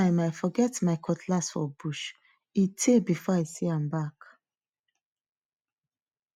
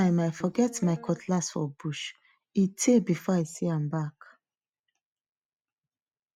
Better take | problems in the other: first | background sound (Guitar); 17 dB below the speech

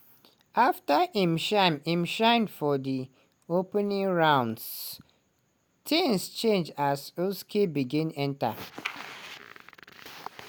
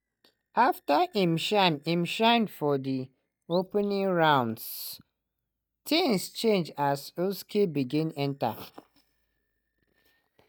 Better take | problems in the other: first | noise reduction (neural mask model DeepFilterNet 3)

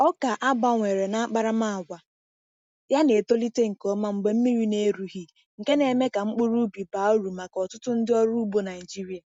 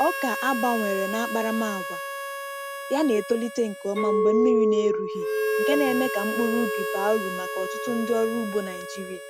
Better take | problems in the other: first | background sound (Chink, clink + Harmonica); 1 dB below the speech

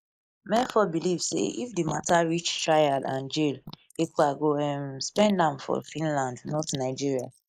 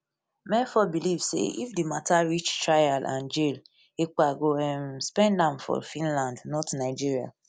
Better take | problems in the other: second | noise reduction (neural mask model Resemble Enhance denoiser)

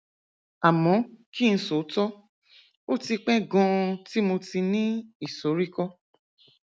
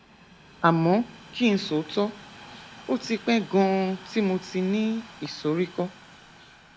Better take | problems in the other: first | background sound (Train); 20 dB below the speech

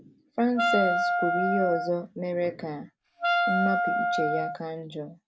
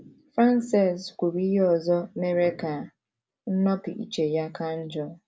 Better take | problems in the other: second | background sound (Wind instrument, woodwind instrument); 3 dB above the speech

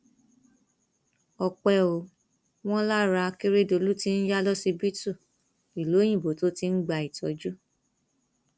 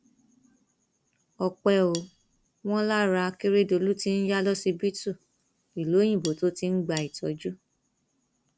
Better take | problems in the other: first | background sound (Cutlery, silverware); 16 dB below the speech

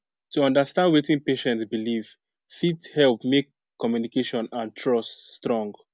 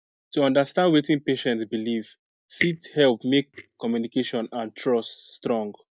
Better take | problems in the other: first | noise reduction (neural mask model DeepFilterNet 3)

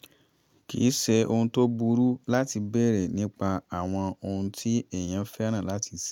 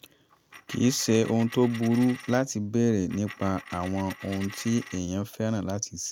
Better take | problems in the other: first | background sound (Coin (dropping)); 17 dB below the speech

